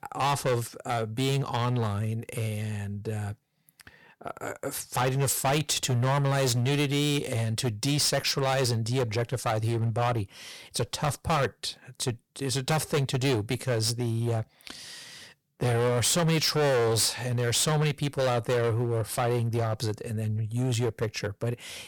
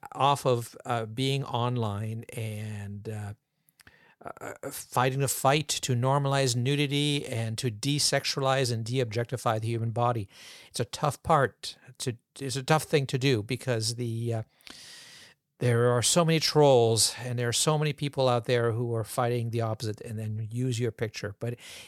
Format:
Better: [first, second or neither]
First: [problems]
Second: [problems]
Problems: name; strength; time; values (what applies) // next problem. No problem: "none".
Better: second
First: distortion; heavy; 13% of the sound clipped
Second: none